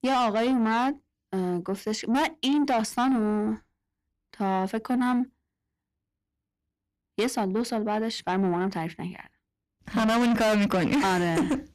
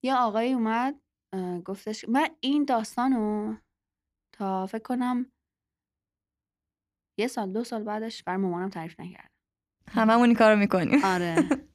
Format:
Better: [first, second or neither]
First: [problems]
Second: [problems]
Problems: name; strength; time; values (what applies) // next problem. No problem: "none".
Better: second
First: distortion; heavy; 6 dB below the speech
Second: none